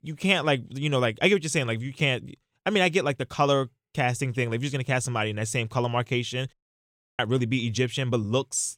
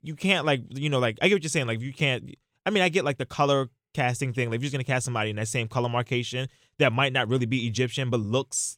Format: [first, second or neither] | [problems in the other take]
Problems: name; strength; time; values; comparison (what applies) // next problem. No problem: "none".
second | audio cutting out; at 6.5 s for 0.5 s